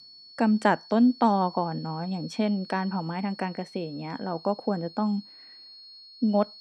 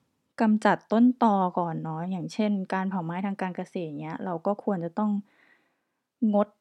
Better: second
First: high-pitched whine; noticeable; throughout; 4.5 kHz, 20 dB below the speech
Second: none

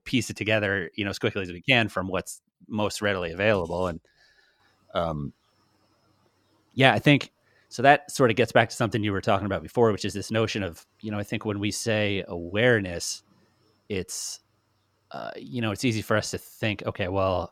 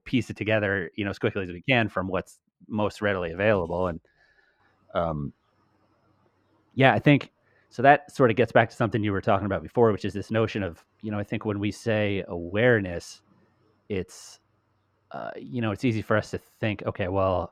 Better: first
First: none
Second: muffled; slightly; fading above 3.5 kHz

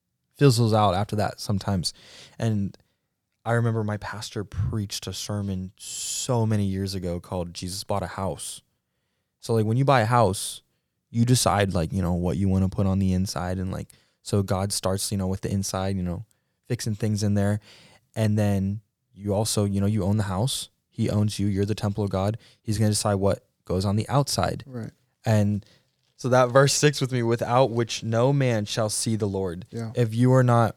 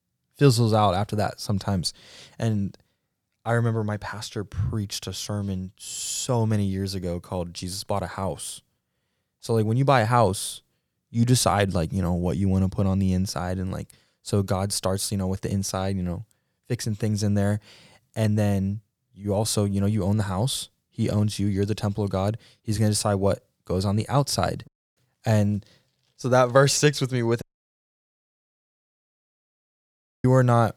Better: first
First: none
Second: audio cutting out; at 25 s and at 27 s for 3 s

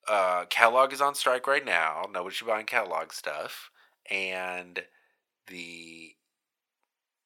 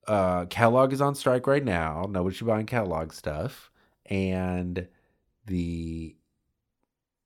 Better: second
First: thin; very; fading below 850 Hz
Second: none

